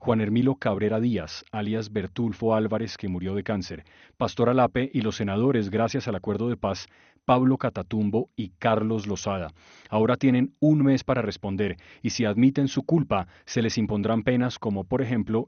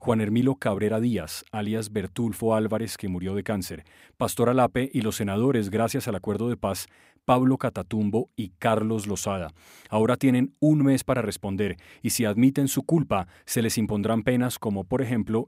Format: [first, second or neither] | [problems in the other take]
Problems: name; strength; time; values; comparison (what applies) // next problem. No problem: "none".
second | garbled, watery; slightly; nothing above 6.5 kHz